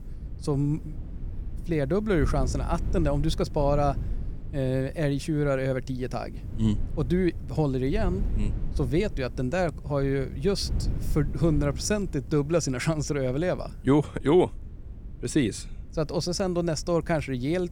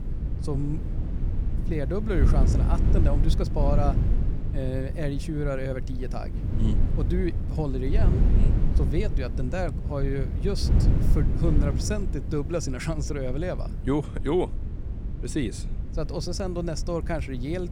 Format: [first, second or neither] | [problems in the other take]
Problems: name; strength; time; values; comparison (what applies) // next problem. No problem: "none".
first | wind noise on the microphone; heavy; 8 dB below the speech; occasional gusts in the first